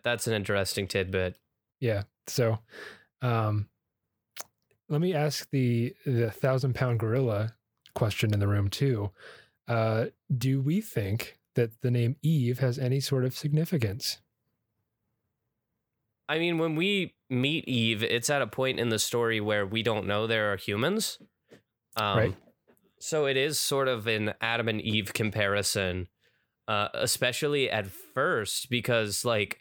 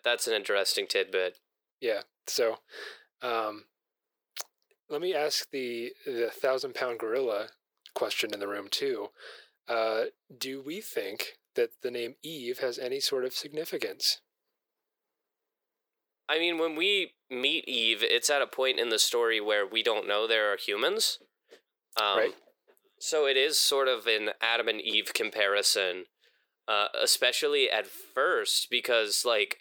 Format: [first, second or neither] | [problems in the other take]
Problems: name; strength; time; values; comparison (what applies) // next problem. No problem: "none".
first | thin; very; fading below 400 Hz